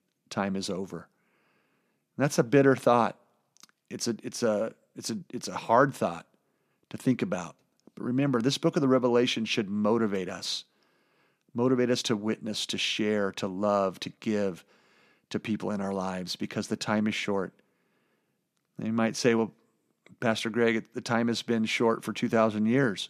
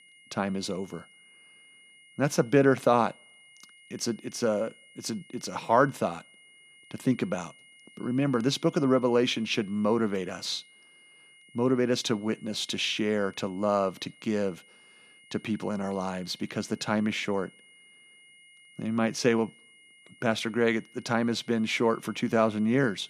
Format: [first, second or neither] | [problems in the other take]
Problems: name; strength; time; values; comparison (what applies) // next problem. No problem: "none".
first | high-pitched whine; faint; throughout; 2 kHz, 25 dB below the speech